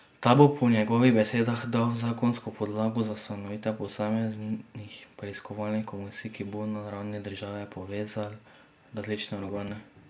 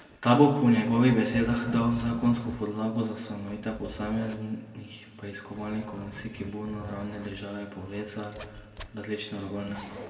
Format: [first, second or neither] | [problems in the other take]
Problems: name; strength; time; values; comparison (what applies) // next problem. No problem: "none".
first | background sound (Zipper (clothing)); 16 dB below the speech // room echo; dies away in 1.6 s